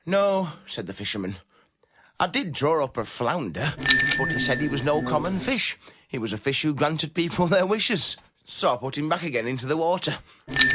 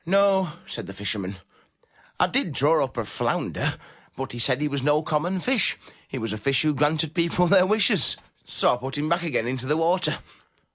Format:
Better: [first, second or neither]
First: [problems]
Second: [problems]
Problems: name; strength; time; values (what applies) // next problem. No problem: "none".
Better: second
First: background sound (Bicycle bell); 6 dB below the speech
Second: none